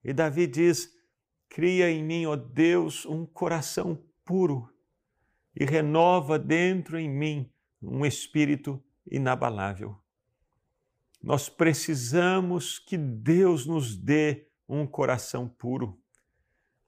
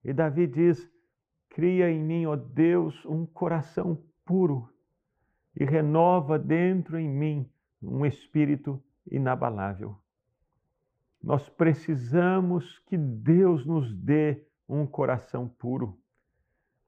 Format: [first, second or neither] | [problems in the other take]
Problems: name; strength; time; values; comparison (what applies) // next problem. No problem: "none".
first | muffled; very; fading above 3.5 kHz